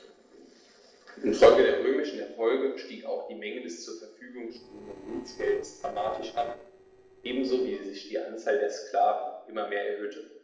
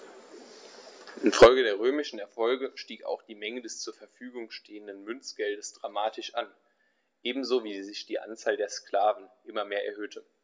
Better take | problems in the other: second | noise reduction (neural separator model SepFormer DNS4)

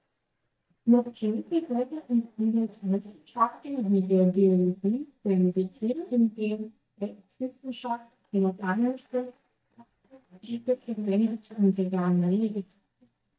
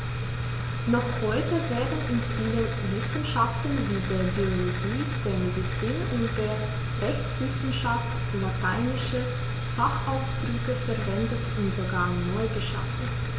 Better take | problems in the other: second | noise reduction (neural mask model DeepFilterNet 3)

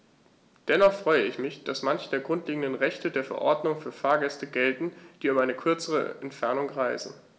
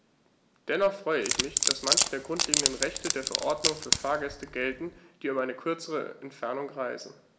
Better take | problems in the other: first | background sound (Wood); 3 dB above the speech

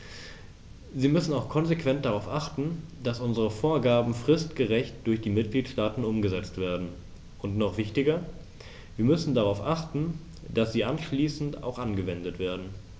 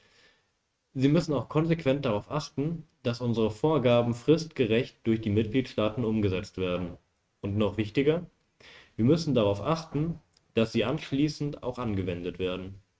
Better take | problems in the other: first | noise reduction (neural mask model RNNoise)

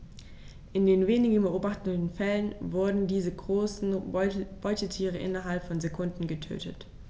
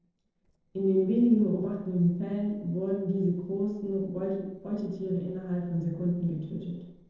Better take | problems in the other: first | noise reduction (neural separator model SepFormer DNS4)

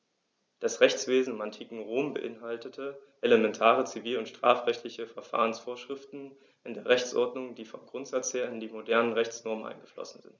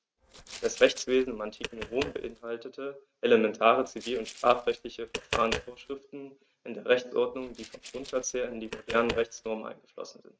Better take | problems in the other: first | noise reduction (neural mask model RNNoise)

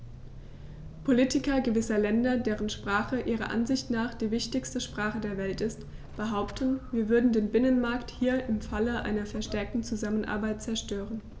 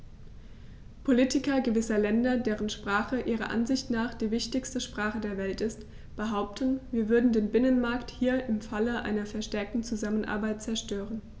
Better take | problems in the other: second | background sound (Squeak / Accelerating, revving, vroom / Vehicle); 16 dB below the speech

